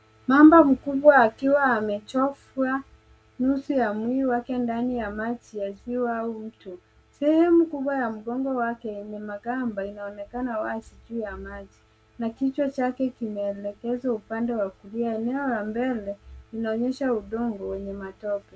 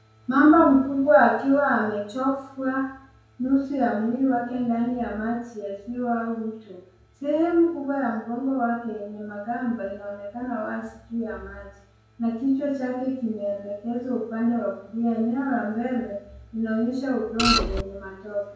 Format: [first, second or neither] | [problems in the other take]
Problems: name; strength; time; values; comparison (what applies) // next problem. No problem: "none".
first | background sound (Printer); 2 dB above the speech // room echo; dies away in 0.5 s